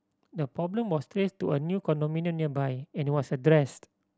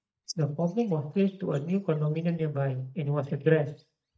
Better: first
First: none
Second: noise reduction (neural mask model DeepFilterNet 3)

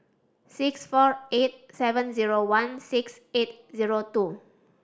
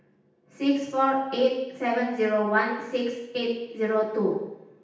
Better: first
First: none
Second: room echo; dies away in 0.9 s

